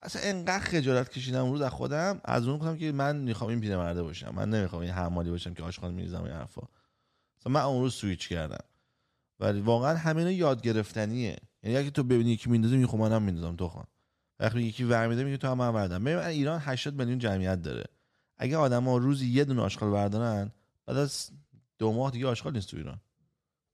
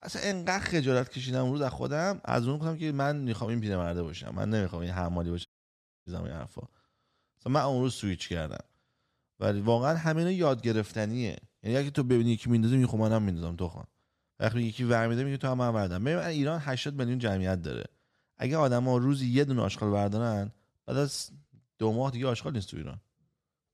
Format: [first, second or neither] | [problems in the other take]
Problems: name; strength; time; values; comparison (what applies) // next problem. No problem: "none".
first | audio cutting out; at 5.5 s for 0.5 s